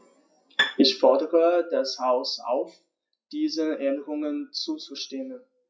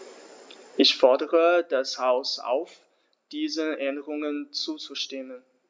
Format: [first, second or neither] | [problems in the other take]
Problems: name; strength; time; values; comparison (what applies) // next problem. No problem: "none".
second | noise reduction (classical method WPE with log-MMSE)